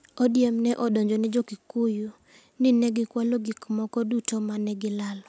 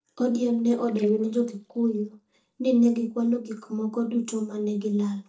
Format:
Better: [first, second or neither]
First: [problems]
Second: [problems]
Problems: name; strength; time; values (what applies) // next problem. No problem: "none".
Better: first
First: none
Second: noise reduction (neural mask model DeepFilterNet 3)